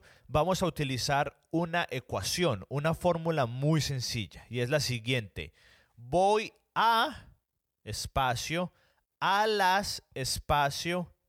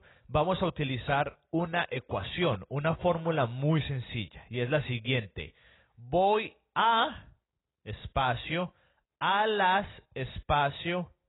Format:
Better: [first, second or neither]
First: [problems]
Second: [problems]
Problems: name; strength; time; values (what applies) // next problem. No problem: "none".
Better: first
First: none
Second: garbled, watery; badly; nothing above 4 kHz